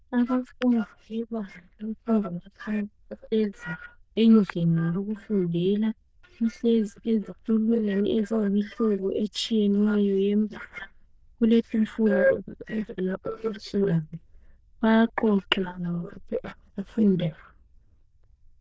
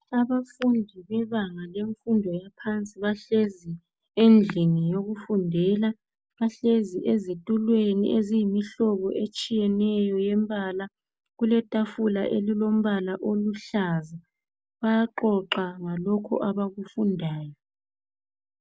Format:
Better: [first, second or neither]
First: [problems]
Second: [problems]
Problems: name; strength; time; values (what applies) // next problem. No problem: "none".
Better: second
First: noise reduction (neural diffusion model UNIVERSE++)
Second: none